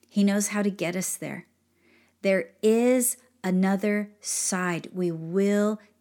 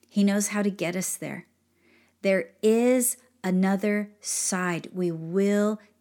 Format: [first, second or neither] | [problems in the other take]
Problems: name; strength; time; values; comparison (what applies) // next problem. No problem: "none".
neither | none